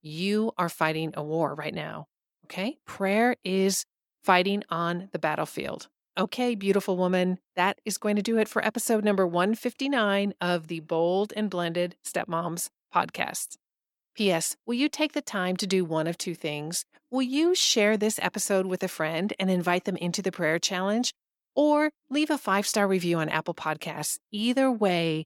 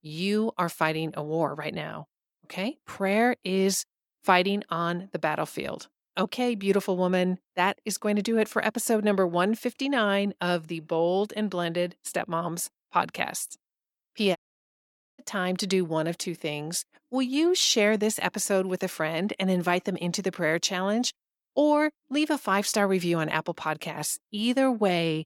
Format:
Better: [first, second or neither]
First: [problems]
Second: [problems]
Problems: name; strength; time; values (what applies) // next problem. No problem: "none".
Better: first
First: none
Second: audio cutting out; at 14 s for 1 s